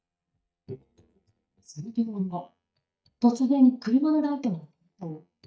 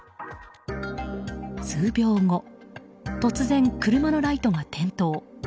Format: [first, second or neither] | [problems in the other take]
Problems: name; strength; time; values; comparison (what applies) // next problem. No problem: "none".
second | noise reduction (neural mask model DeepFilterNet 3)